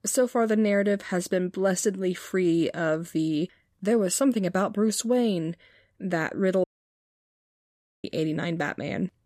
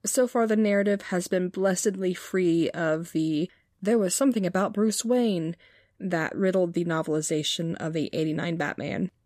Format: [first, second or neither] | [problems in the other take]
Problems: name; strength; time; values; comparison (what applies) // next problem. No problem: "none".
second | audio cutting out; at 6.5 s for 1.5 s